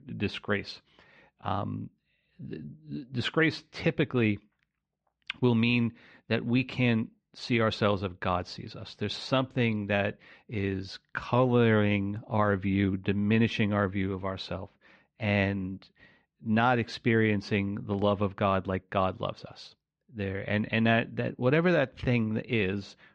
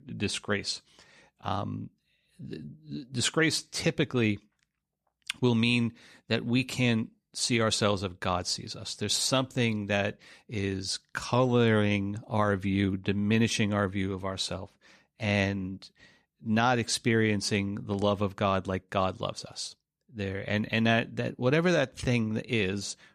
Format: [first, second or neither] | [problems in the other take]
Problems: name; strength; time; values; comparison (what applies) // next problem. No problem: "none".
second | muffled; slightly; fading above 3 kHz